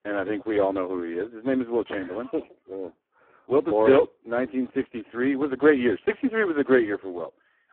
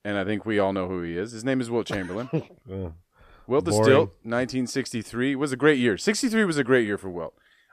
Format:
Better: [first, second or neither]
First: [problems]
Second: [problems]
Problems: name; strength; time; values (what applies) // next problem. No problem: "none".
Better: second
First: phone-call audio; poor line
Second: none